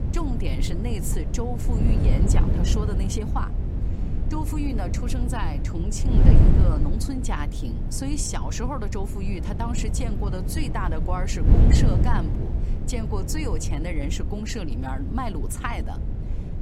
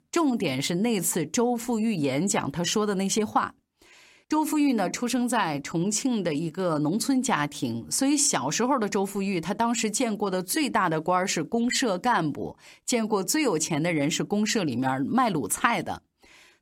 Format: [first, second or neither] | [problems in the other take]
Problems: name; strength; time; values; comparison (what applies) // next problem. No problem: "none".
second | wind noise on the microphone; heavy; 4 dB below the speech